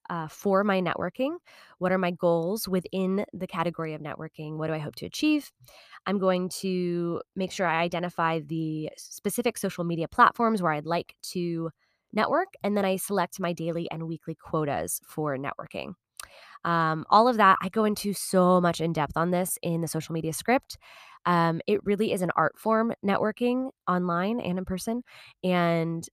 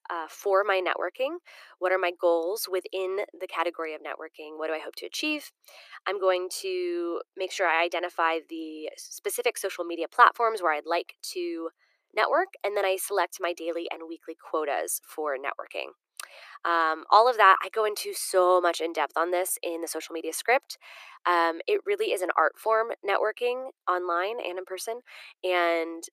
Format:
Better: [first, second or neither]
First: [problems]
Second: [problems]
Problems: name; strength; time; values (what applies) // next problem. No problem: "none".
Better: first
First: none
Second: thin; very; fading below 350 Hz